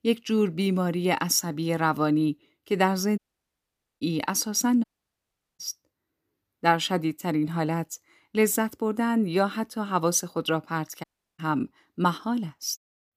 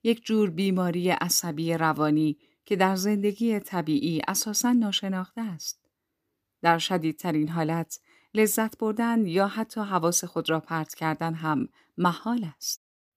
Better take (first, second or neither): second